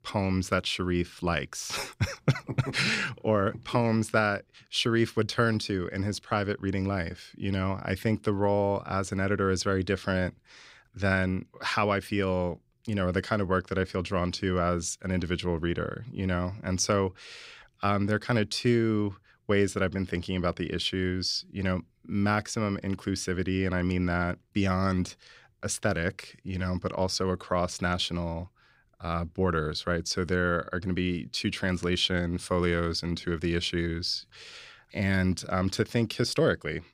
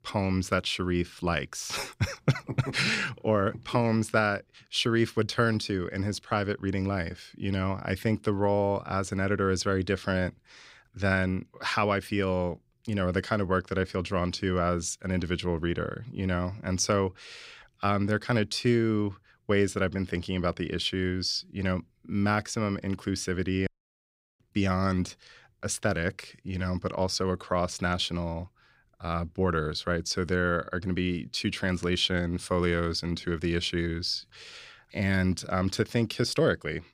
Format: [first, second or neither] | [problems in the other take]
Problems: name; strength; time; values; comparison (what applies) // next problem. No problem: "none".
first | audio cutting out; at 24 s for 0.5 s